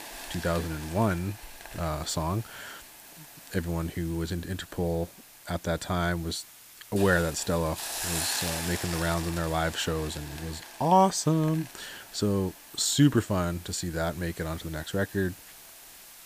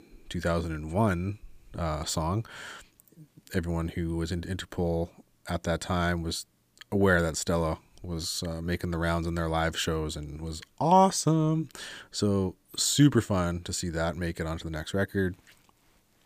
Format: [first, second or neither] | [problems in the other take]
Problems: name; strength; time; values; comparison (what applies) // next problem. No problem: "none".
second | hiss; noticeable; throughout; 10 dB below the speech